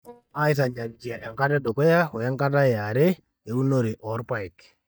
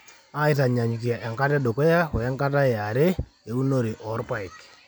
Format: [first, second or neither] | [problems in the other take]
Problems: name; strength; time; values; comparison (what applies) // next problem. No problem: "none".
second | noise reduction (neural mask model DeepFilterNet 3)